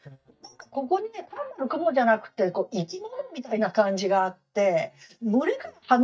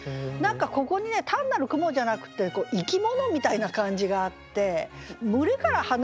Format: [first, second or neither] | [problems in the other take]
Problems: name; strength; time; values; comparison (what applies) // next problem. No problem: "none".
second | noise reduction (neural mask model DeepFilterNet 3)